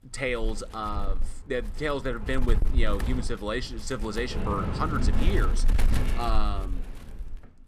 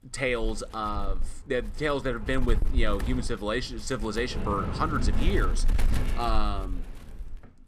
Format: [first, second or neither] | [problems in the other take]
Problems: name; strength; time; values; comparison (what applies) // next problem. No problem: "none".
second | wind noise on the microphone; heavy; 9 dB below the speech; occasional gusts in the second